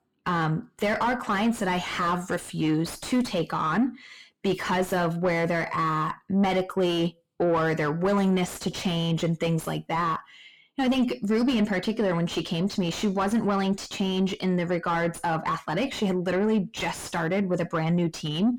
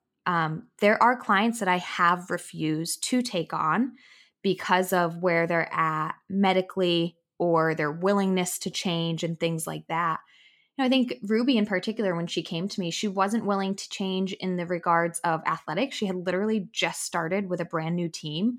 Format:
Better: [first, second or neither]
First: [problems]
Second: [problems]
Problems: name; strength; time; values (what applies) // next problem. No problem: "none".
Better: second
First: distortion; heavy; 6 dB below the speech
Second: none